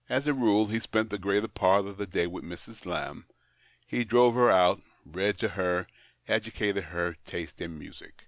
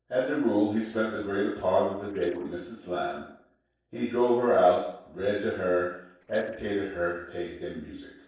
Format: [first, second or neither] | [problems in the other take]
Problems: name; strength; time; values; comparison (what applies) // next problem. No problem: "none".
first | noise reduction (neural separator model SepFormer DNS4)